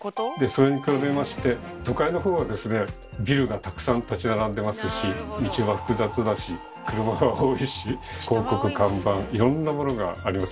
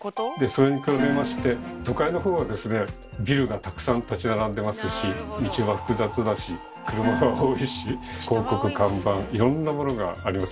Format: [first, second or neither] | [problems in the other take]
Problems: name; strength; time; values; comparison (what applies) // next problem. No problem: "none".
first | background sound (Dishes, pots, and pans); 12 dB below the speech